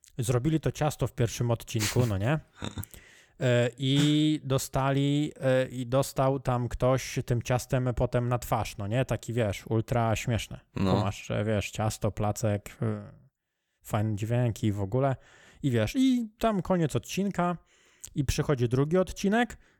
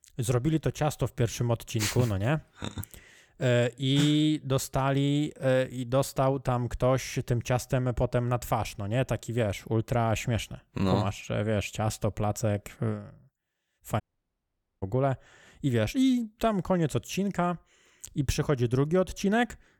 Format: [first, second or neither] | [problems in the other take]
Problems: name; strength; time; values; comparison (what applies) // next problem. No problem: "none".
first | audio cutting out; at 14 s for 1 s